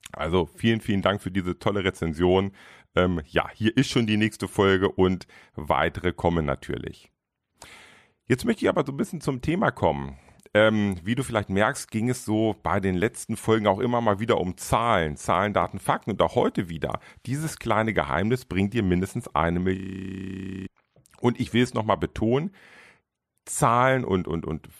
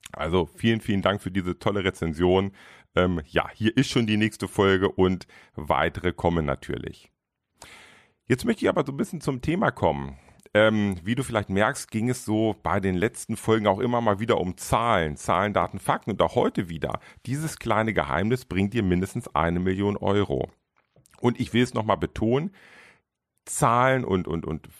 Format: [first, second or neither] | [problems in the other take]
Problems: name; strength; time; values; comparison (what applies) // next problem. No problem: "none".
second | audio freezing; at 20 s for 1 s